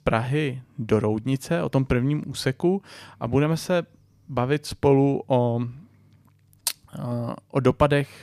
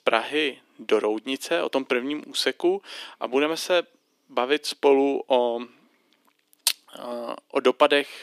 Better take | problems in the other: first | thin; somewhat; fading below 300 Hz

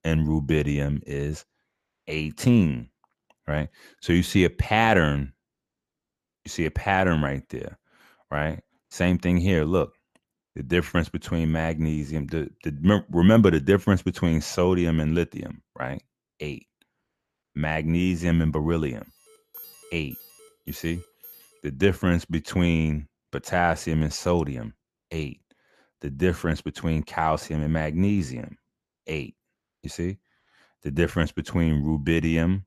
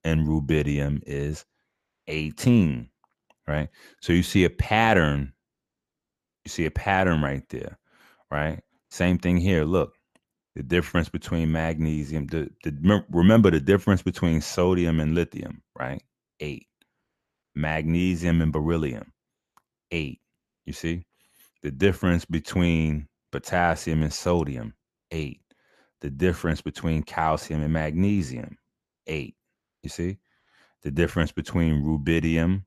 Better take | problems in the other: second | alarm; faint; from 19 to 22 s; peak 15 dB below the speech

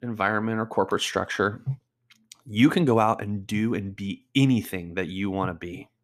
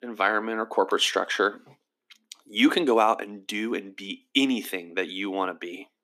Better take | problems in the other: first | thin; very slightly; fading below 250 Hz

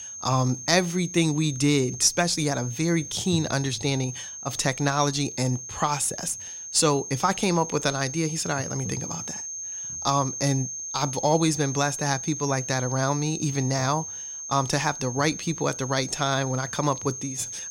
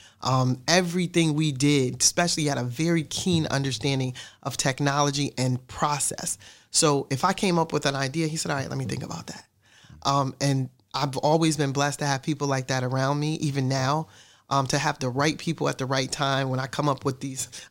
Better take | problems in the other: second | high-pitched whine; loud; throughout; 6.5 kHz, 8 dB below the speech

